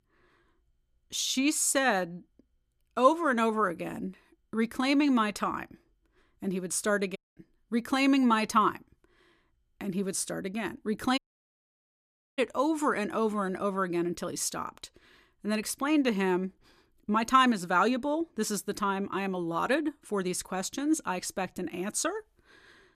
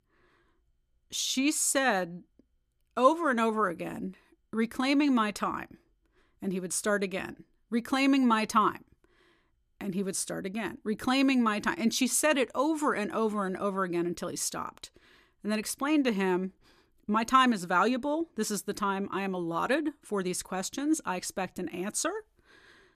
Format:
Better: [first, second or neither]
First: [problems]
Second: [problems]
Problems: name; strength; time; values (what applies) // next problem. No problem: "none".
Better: second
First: audio cutting out; at 7 s and at 11 s for 1 s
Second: none